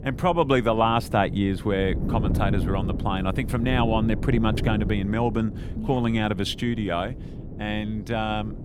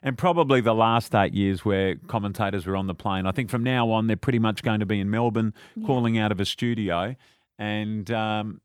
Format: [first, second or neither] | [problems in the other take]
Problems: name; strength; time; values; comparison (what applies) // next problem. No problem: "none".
second | wind noise on the microphone; occasional gusts; 15 dB below the speech